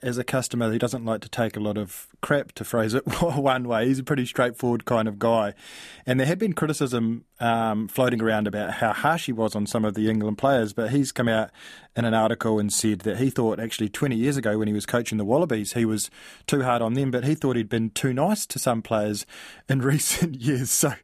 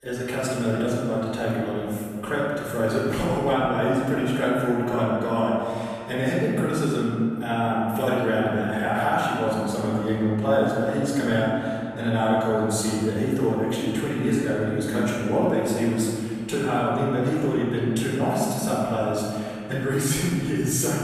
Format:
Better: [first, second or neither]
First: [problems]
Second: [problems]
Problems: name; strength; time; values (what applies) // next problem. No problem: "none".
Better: first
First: none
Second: off-mic speech; far // room echo; strong; dies away in 2.2 s